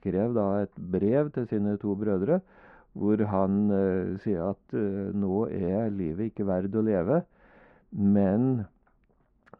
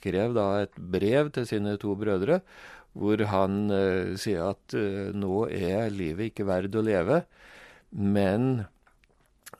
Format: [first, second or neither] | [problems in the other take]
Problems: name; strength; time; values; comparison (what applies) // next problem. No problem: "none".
second | muffled; very; fading above 1 kHz